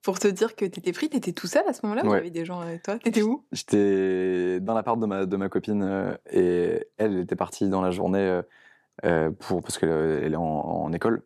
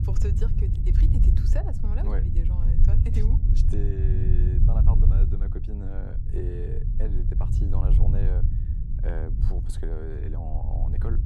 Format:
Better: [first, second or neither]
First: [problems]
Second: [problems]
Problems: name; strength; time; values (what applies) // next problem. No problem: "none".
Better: first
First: none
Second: low rumble; loud; throughout; as loud as the speech